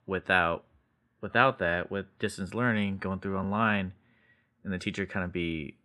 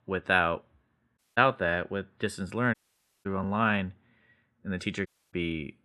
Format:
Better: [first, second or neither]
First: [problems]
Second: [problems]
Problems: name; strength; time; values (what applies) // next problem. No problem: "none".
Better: first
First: none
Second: audio cutting out; at 1 s, at 2.5 s for 0.5 s and at 5 s